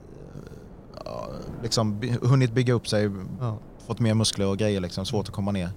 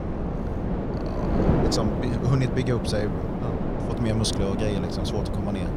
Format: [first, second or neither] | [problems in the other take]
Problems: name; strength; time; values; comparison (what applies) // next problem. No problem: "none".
first | wind noise on the microphone; heavy; as loud as the speech; occasional gusts in the first